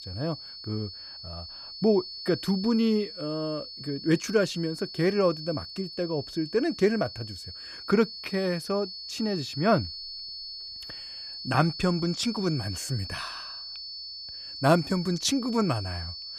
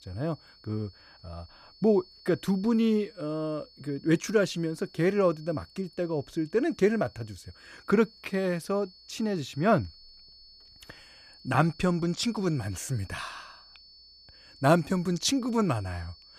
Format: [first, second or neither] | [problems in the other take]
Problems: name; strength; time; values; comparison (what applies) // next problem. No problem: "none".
second | high-pitched whine; loud; throughout; 4.5 kHz, 10 dB below the speech; faint in the second